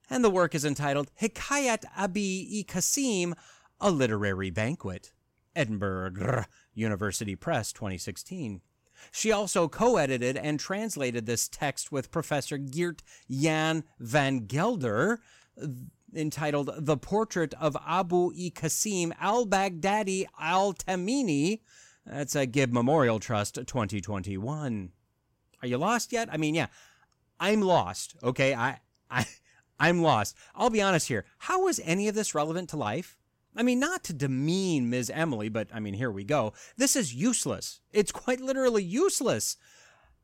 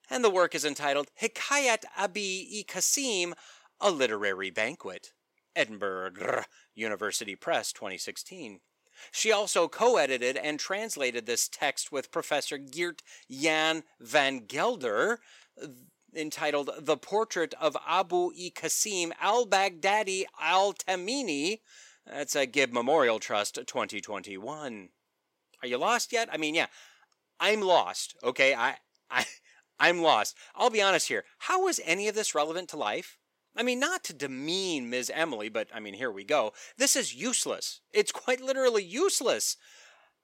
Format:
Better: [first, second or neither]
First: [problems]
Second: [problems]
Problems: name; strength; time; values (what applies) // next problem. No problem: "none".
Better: first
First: none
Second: thin; somewhat; fading below 450 Hz